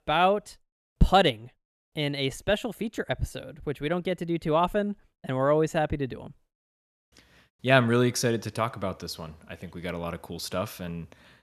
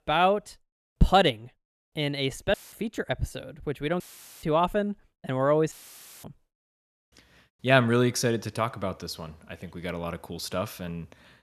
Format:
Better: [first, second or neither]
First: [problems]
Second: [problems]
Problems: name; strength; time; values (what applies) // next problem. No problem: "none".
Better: first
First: none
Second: audio cutting out; filled with static; at 2.5 s, at 4 s and at 5.5 s for 0.5 s